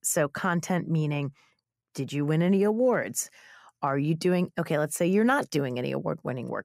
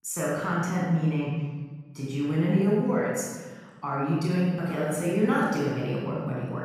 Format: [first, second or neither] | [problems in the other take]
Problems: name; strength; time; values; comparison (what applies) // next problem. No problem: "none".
first | off-mic speech; far // room echo; strong; dies away in 1.4 s